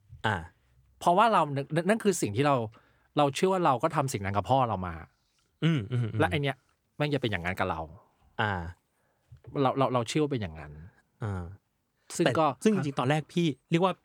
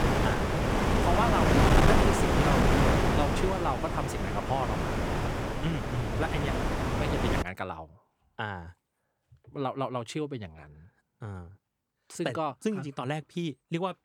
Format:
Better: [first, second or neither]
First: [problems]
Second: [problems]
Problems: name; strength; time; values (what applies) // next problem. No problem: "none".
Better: first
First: none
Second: wind noise on the microphone; heavy; until 7.5 s; 5 dB above the speech